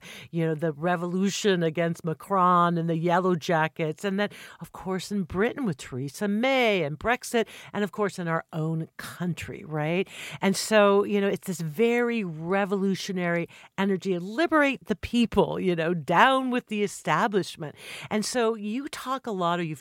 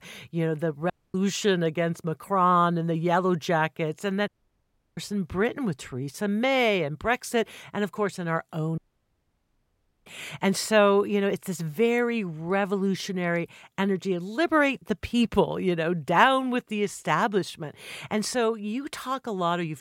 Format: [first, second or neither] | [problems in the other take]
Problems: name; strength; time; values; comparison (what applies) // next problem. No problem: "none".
first | audio cutting out; at 1 s, at 4.5 s for 0.5 s and at 9 s for 1.5 s